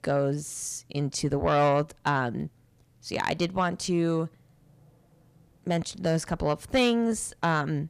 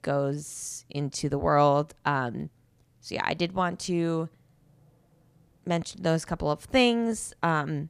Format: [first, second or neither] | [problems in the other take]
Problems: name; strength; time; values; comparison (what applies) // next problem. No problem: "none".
second | distortion; slight; 10 dB below the speech